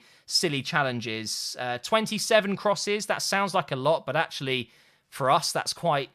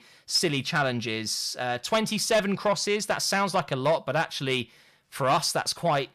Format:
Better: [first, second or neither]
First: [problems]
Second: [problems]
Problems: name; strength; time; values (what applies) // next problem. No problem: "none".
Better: first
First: none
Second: distortion; slight; 10 dB below the speech